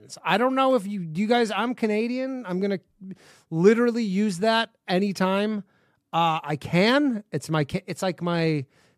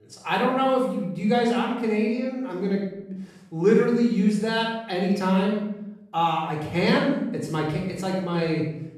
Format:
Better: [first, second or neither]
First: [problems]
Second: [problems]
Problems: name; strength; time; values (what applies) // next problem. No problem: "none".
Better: first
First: none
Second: off-mic speech; far // room echo; noticeable; dies away in 0.7 s